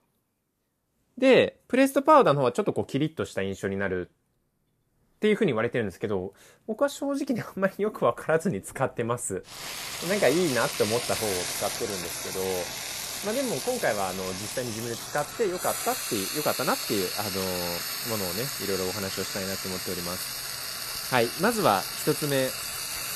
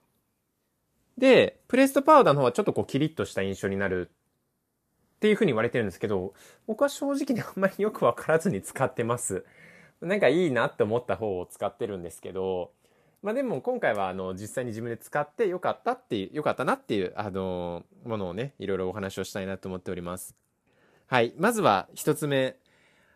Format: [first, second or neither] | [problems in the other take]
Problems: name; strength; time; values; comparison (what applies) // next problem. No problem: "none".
second | household noises; loud; throughout; 4 dB below the speech